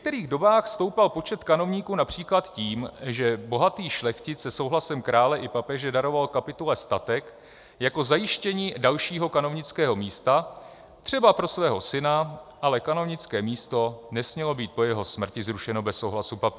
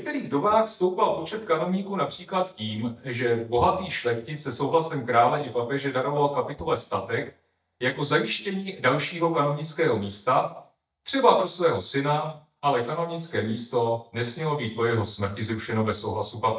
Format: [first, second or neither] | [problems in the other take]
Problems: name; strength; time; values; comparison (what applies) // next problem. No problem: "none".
first | noise reduction (neural mask model DeepFilterNet 3)